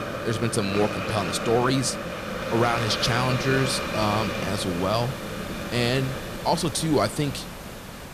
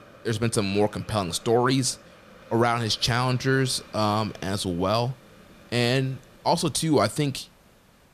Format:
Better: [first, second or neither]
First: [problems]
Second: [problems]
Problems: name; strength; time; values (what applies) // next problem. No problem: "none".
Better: second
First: hiss; loud; throughout; 5 dB below the speech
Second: hiss; faint; throughout; 25 dB below the speech